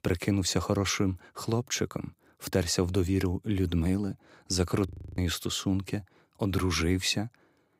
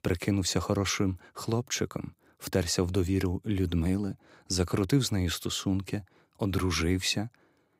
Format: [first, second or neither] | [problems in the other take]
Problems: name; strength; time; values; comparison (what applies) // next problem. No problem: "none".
second | audio freezing; at 5 s